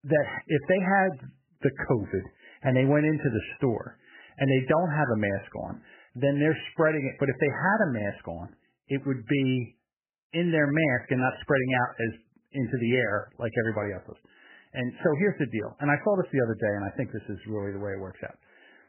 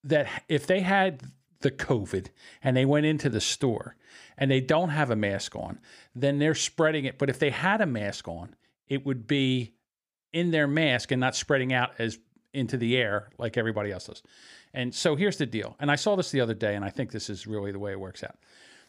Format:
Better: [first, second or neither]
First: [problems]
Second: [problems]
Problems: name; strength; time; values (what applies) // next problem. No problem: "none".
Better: second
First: garbled, watery; badly; nothing above 3 kHz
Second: none